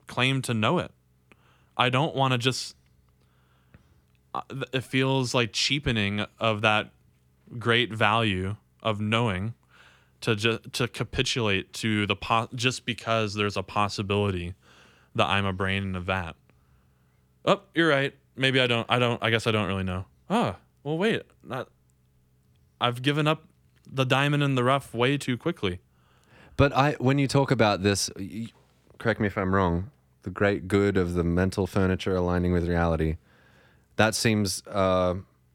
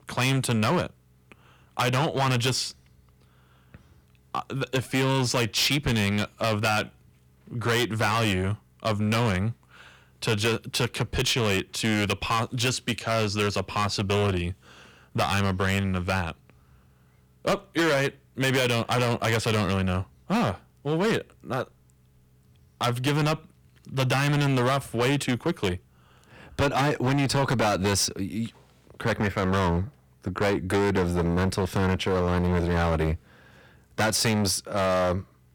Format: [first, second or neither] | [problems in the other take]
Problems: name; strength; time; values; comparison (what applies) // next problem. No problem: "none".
first | distortion; heavy; 12% of the sound clipped